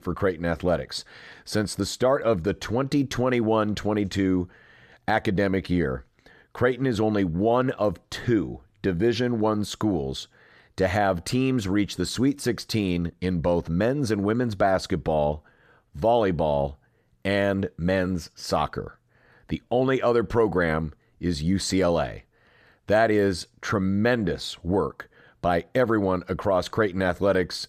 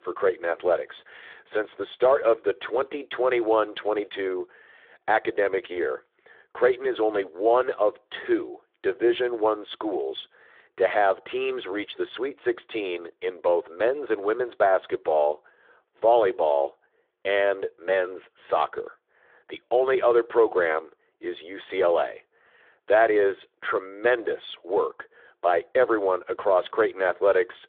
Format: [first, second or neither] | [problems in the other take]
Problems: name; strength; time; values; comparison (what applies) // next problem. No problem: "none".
first | phone-call audio; nothing above 3.5 kHz